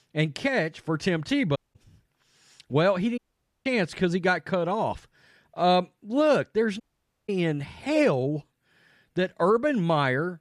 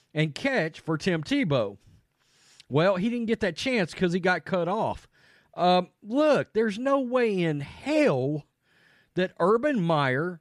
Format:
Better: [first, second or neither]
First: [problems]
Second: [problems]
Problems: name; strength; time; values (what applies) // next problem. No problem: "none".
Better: second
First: audio cutting out; at 1.5 s, at 3 s and at 7 s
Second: none